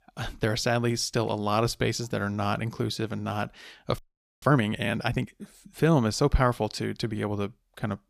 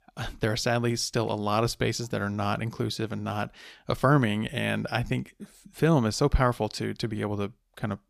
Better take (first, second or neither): second